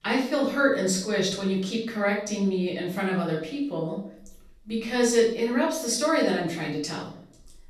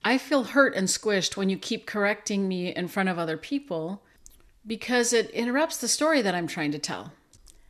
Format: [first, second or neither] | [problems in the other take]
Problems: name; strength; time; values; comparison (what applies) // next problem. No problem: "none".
second | room echo; noticeable; dies away in 0.5 s // off-mic speech; far